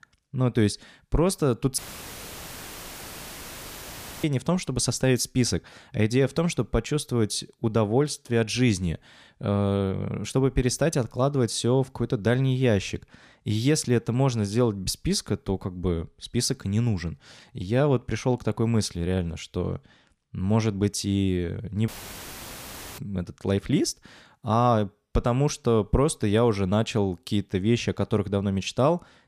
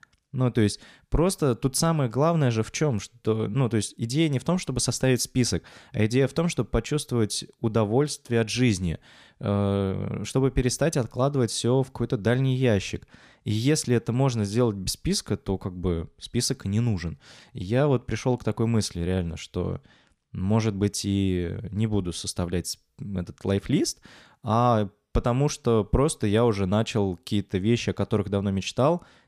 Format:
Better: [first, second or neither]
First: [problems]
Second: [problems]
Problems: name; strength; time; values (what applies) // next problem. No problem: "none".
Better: second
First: audio cutting out; filled with static; at 2 s for 2.5 s and at 22 s for 1 s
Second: none